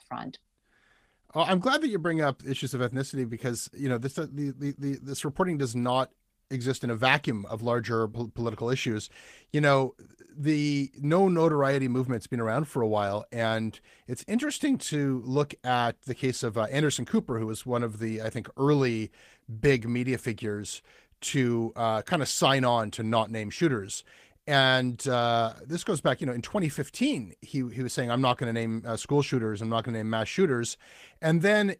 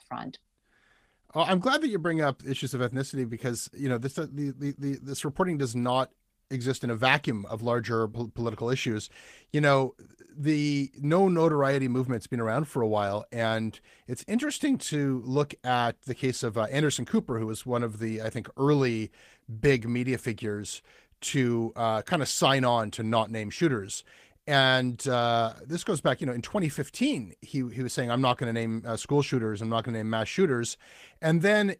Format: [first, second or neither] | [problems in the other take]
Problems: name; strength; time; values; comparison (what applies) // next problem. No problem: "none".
neither | garbled, watery; slightly; nothing above 15 kHz; the same in both